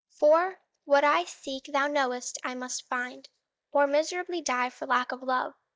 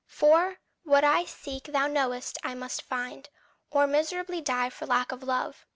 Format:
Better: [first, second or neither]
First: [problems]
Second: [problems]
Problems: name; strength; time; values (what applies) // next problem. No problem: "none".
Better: second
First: noise reduction (neural mask model DeepFilterNet 3)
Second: none